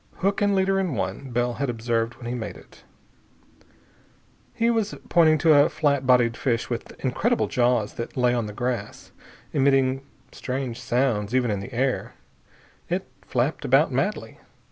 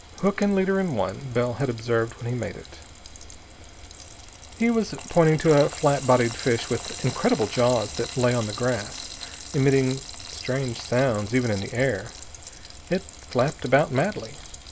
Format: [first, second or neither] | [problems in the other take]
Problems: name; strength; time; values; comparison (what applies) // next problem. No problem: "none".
first | background sound (Frying (food)); 14 dB below the speech